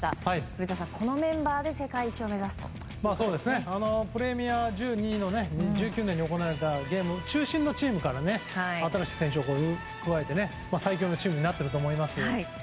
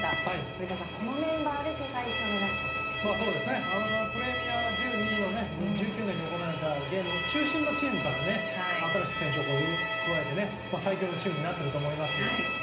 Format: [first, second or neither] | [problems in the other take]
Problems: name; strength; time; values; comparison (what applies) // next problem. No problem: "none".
first | background sound (Bowed string instrument); 2 dB below the speech // room echo; dies away in 0.5 s